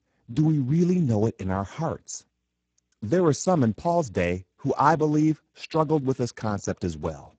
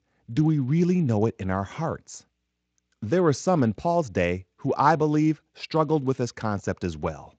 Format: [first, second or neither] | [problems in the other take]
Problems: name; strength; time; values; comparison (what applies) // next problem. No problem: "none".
second | garbled, watery; badly; nothing above 7.5 kHz; slightly in the second